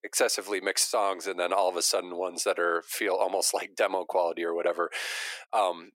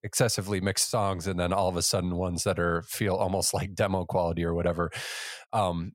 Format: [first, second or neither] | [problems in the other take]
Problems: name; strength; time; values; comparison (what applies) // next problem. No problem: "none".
second | thin; very; fading below 300 Hz